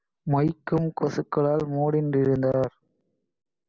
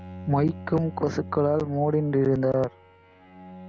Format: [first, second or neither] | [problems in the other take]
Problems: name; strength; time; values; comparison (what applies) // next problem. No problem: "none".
first | background sound (Bowed string instrument); 16 dB below the speech